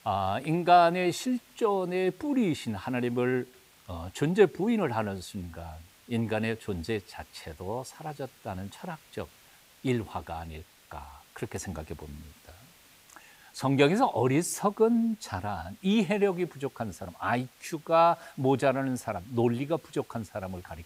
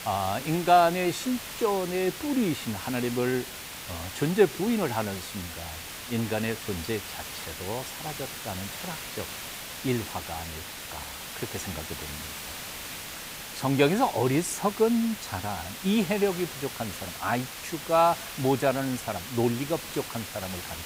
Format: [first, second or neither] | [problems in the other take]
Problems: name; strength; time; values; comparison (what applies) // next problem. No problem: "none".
first | hiss; loud; throughout; 9 dB below the speech; faint in the first